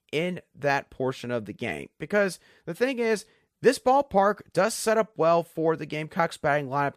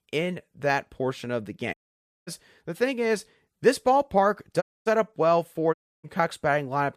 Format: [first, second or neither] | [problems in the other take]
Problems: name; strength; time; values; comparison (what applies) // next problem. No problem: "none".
first | audio cutting out; at 1.5 s for 0.5 s, at 4.5 s and at 5.5 s